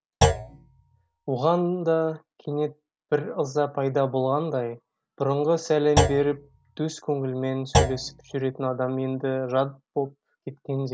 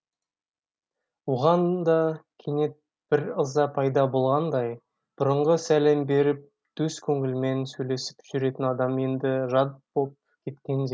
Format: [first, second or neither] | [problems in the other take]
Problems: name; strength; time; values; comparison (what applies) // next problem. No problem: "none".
second | background sound (Thump, thud); 1 dB below the speech